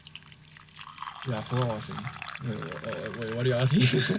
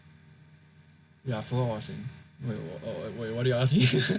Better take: second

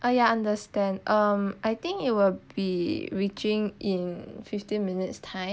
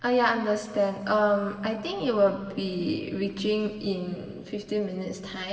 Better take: first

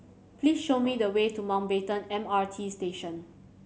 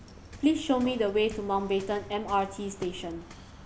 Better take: first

